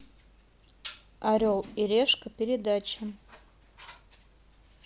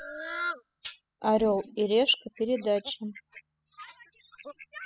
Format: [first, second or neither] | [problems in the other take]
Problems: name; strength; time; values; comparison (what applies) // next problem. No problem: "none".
first | noise reduction (classical method spectral subtraction)